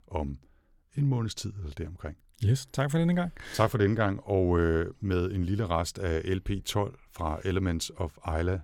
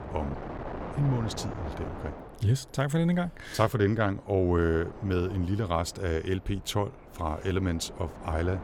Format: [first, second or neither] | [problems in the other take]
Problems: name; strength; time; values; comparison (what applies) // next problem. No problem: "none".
first | wind noise on the microphone; occasional gusts; 10 dB below the speech